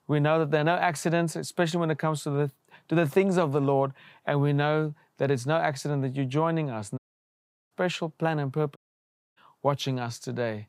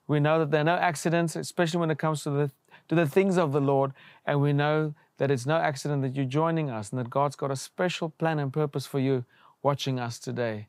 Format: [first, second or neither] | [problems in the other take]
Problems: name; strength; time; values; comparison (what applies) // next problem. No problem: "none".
second | audio cutting out; at 7 s for 0.5 s and at 9 s for 0.5 s